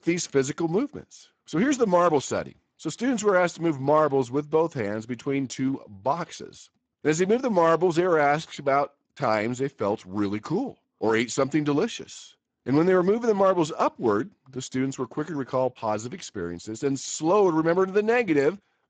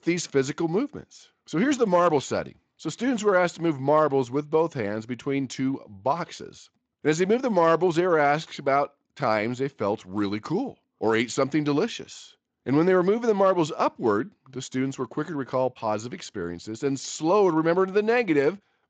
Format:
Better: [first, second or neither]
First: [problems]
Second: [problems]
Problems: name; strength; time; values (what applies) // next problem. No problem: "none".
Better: second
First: garbled, watery; badly; nothing above 7.5 kHz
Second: garbled, watery; slightly; nothing above 7.5 kHz